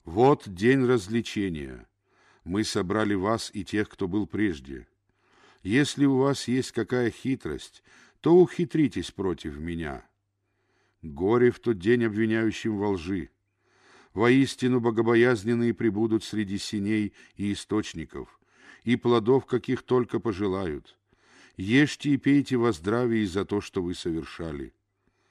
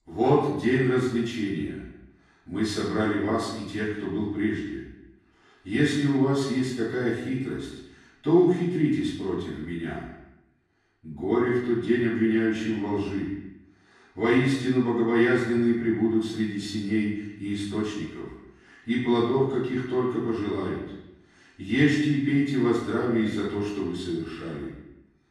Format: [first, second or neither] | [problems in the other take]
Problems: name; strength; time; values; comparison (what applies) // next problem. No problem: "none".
first | off-mic speech; far // room echo; noticeable; dies away in 0.8 s